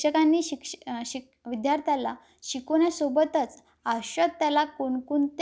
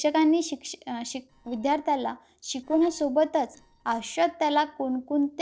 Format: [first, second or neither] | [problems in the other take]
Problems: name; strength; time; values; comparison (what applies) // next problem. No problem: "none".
first | noise reduction (neural separator model SepFormer DNS4)